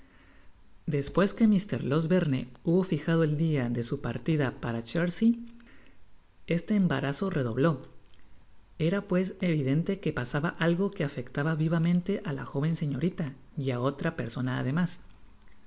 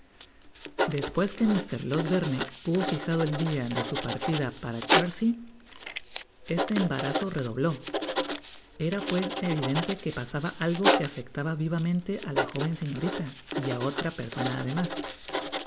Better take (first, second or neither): first